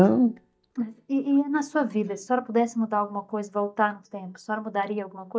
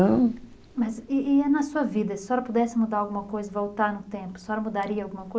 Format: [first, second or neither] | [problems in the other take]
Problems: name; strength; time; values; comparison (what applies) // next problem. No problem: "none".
second | noise reduction (neural mask model DeepFilterNet 3)